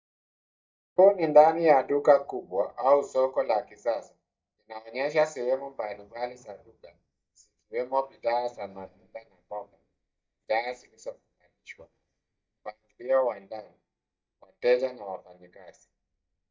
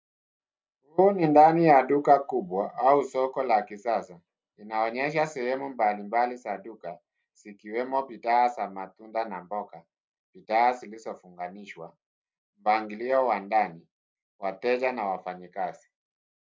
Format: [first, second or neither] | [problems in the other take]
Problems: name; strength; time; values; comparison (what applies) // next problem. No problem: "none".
second | noise reduction (neural mask model DeepFilterNet 3)